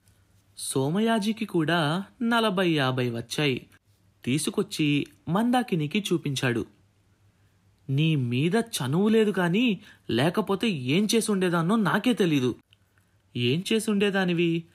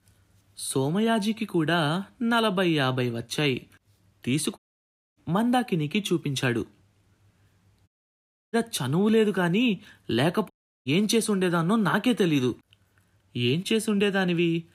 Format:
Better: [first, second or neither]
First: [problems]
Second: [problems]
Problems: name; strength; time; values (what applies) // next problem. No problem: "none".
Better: first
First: none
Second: audio cutting out; at 4.5 s for 0.5 s, at 8 s for 0.5 s and at 11 s